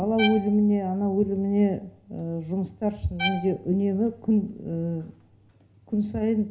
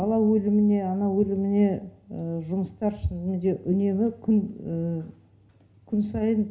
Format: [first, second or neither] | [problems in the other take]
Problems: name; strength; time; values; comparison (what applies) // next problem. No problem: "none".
second | background sound (Bowed string instrument); 12 dB below the speech